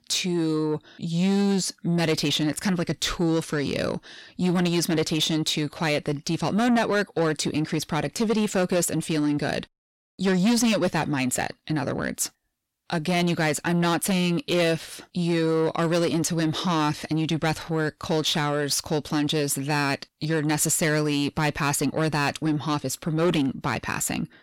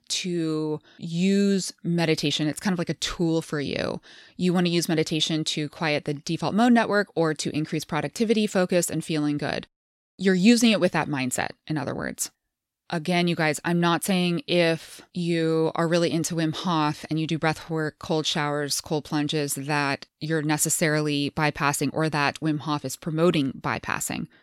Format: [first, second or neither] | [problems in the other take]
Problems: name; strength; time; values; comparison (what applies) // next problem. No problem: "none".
second | distortion; slight; 10 dB below the speech